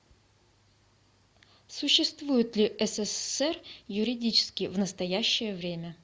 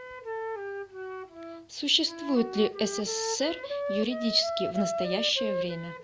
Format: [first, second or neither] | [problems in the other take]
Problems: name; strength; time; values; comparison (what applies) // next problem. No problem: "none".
first | background sound (Wind instrument, woodwind instrument); 4 dB below the speech